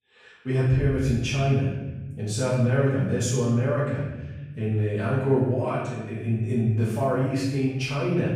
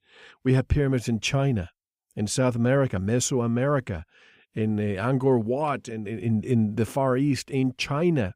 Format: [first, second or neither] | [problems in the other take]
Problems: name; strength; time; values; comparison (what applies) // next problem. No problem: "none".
second | off-mic speech; far // room echo; strong; dies away in 1.2 s